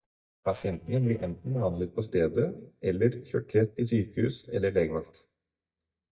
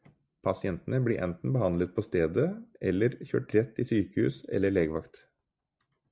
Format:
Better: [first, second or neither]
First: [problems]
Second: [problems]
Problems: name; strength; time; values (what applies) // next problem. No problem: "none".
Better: second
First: noise reduction (neural mask model DeepFilterNet 3)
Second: none